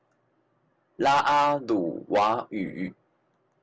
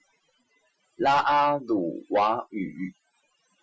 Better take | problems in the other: first | noise reduction (classical method Wiener filter)

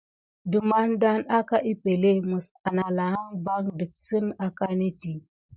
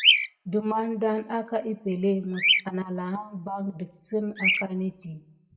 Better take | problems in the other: first | background sound (Bird vocalization, bird call, bird song); 1 dB above the speech // room echo; dies away in 0.6 s

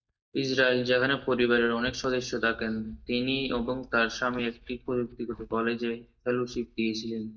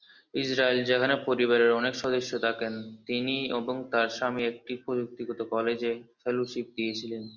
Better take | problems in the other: second | noise reduction (neural mask model DeepFilterNet 3)

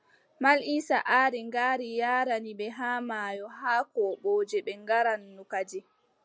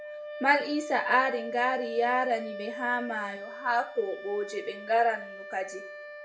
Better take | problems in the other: first | background sound (Wind instrument, woodwind instrument); 10 dB below the speech // room echo; dies away in 0.4 s

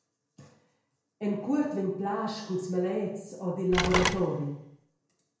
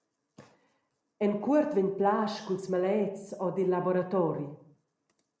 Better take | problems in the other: second | background sound (Telephone); 1 dB below the speech // room echo; dies away in 0.5 s

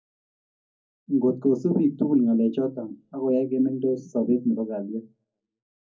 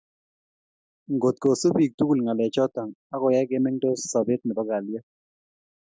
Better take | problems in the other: second | room echo; dies away in 0.4 s

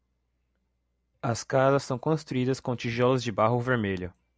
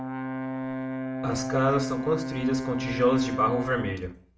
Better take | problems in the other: first | background sound (Brass instrument); 4 dB below the speech // room echo; dies away in 0.4 s

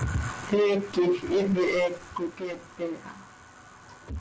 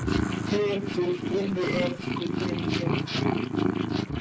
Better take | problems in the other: first | background sound (Purr); 3 dB above the speech

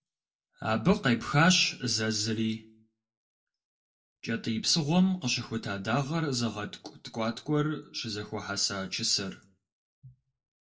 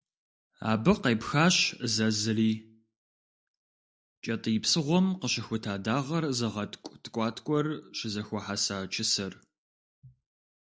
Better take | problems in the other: second | room echo; dies away in 0.2 s

